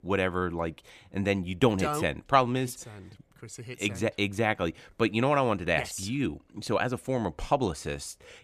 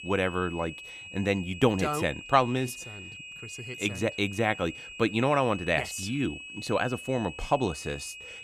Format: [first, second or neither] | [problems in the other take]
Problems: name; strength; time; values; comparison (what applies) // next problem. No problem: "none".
first | high-pitched whine; noticeable; throughout; 2.5 kHz, 10 dB below the speech